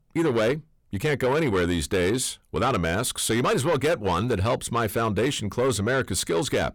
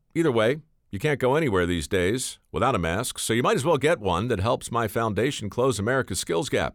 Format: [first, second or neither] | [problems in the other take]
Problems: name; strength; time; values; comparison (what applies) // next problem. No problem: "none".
second | distortion; slight; 10 dB below the speech